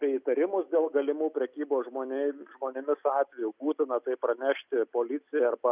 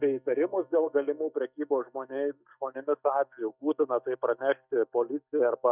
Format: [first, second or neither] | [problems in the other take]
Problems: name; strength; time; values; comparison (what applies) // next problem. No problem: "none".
first | noise reduction (neural mask model DeepFilterNet 3)